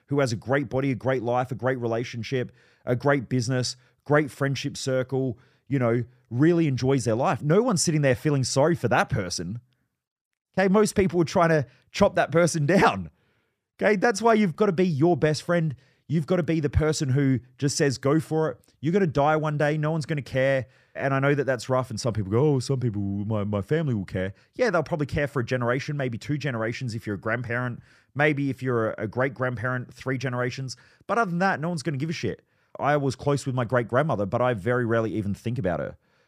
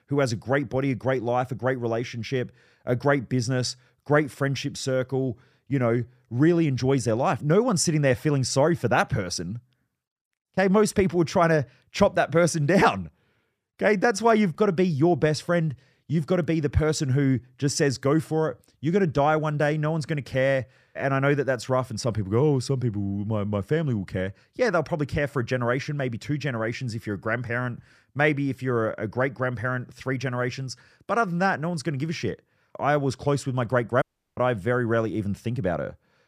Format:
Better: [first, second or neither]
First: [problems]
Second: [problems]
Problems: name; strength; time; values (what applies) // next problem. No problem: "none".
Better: first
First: none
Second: audio cutting out; at 34 s